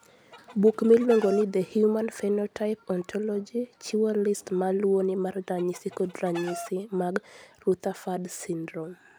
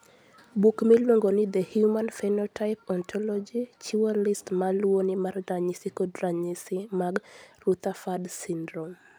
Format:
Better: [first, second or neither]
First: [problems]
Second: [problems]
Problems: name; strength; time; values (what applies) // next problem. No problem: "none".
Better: second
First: background sound (Chicken, rooster); 16 dB below the speech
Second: none